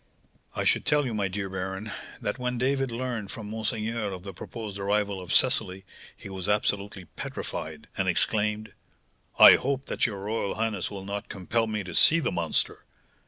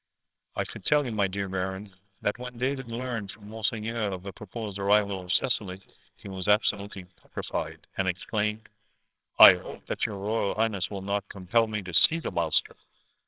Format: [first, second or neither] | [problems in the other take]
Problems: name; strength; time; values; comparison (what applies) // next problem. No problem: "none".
first | noise reduction (neural separator model SepFormer WHAMR!)